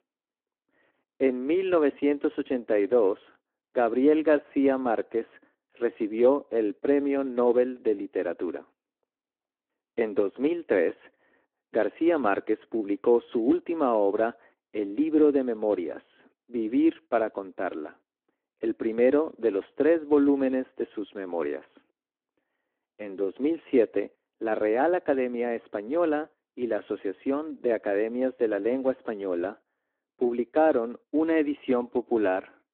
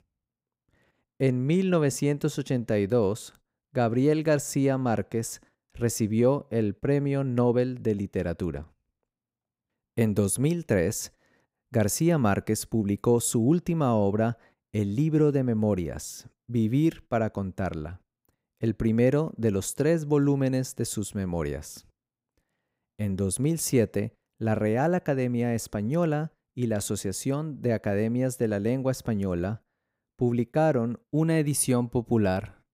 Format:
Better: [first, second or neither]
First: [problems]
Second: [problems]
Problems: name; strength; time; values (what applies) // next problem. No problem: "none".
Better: second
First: phone-call audio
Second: none